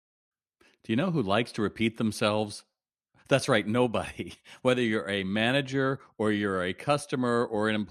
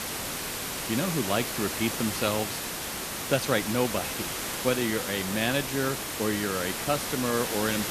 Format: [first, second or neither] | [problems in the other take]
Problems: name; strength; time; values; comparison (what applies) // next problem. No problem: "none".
first | hiss; loud; throughout; 2 dB below the speech